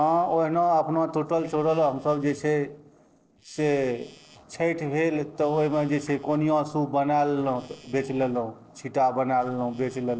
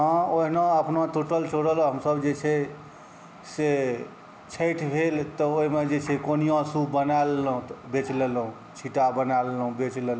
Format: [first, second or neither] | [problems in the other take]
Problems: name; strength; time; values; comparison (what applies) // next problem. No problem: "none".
second | noise reduction (neural separator model SepFormer DNS4)